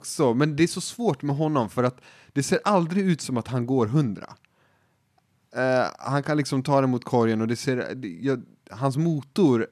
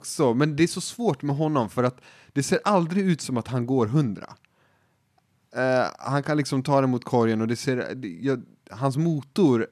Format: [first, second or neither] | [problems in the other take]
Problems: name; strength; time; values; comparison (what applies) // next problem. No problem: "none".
neither | none